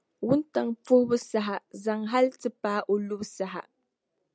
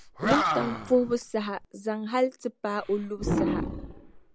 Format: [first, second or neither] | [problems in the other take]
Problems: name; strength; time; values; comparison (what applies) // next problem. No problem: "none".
first | background sound (Animal); 3 dB below the speech